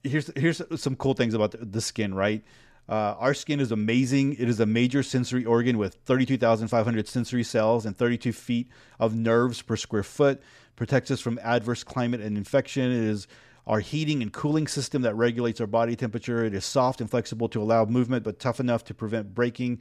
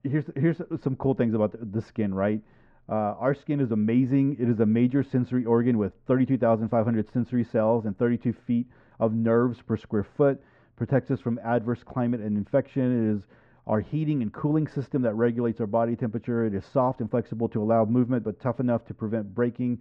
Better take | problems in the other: first | muffled; very; fading above 1 kHz

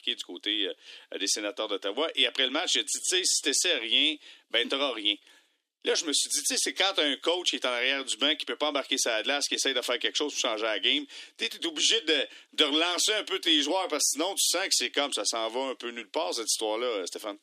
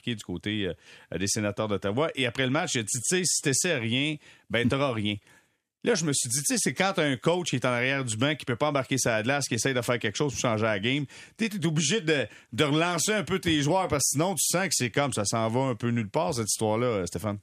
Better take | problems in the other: second | thin; somewhat; fading below 300 Hz

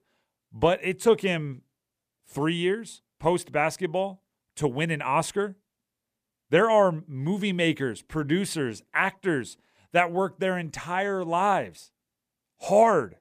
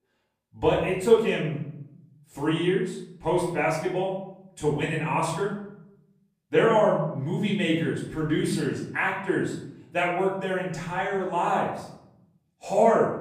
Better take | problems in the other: first | off-mic speech; far // room echo; noticeable; dies away in 0.8 s

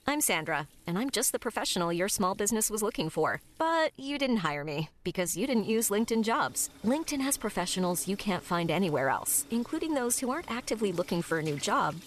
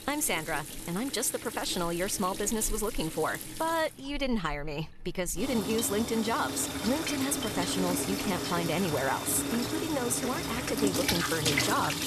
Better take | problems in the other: first | household noises; loud; throughout; 2 dB below the speech; faint in the first

